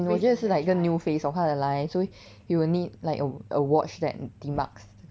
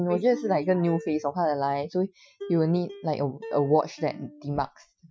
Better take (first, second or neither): first